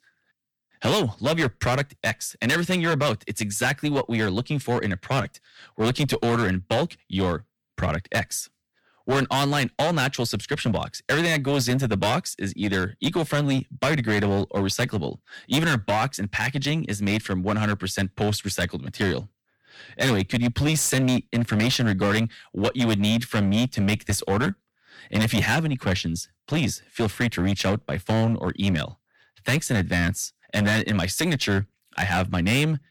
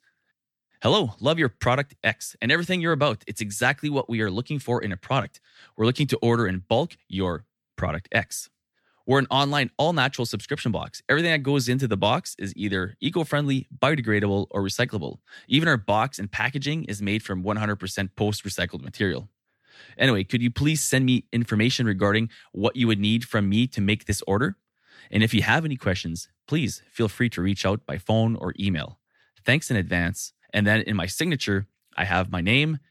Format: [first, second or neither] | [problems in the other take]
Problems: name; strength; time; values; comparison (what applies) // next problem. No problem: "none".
second | distortion; heavy; 13% of the sound clipped